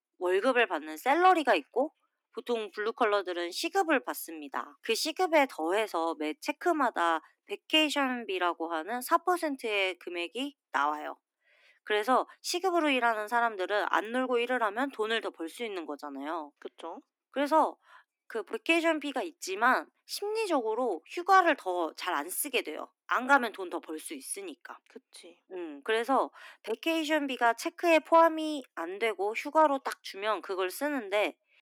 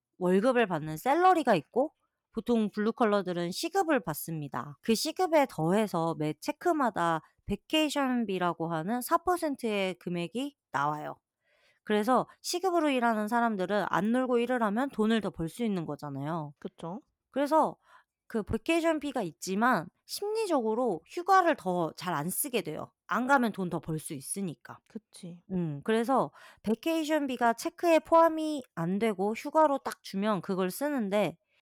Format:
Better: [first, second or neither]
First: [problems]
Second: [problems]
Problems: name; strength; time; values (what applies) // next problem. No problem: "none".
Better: second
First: thin; very slightly; fading below 250 Hz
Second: none